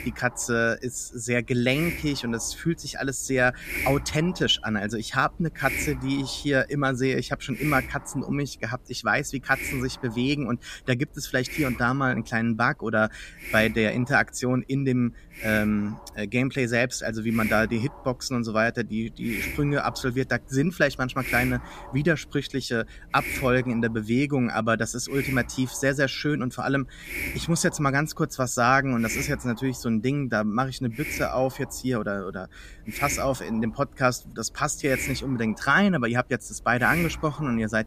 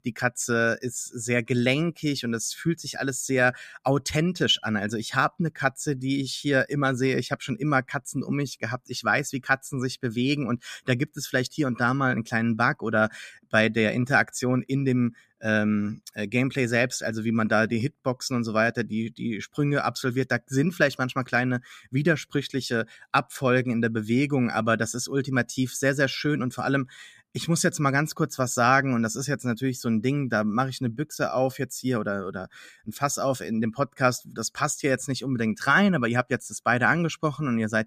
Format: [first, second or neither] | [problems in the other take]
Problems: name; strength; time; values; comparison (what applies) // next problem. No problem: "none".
second | hiss; loud; throughout; 9 dB below the speech